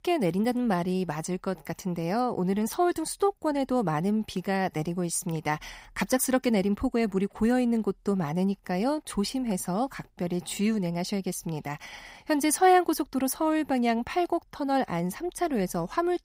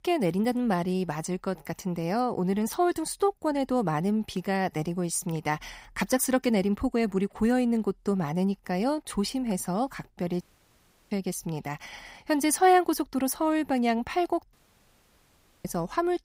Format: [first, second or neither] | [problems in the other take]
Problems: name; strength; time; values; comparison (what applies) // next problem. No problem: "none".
first | audio cutting out; at 10 s for 0.5 s and at 15 s for 1 s